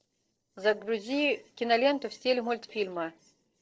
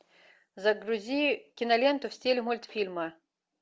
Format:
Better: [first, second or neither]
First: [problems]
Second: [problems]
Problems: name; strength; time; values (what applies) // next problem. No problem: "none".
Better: second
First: noise reduction (neural separator model SepFormer DNS4)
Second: none